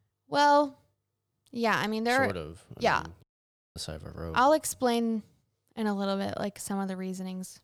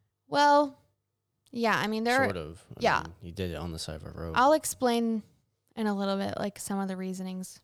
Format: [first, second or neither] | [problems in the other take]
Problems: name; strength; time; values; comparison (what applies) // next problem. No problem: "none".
second | audio cutting out; at 3 s for 0.5 s